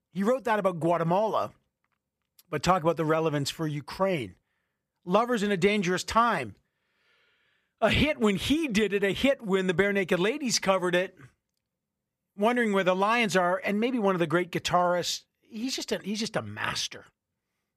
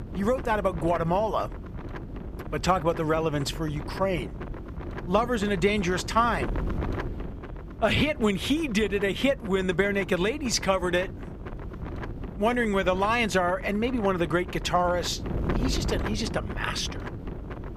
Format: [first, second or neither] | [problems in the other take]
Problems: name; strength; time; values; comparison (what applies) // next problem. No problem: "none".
first | wind noise on the microphone; occasional gusts; 15 dB below the speech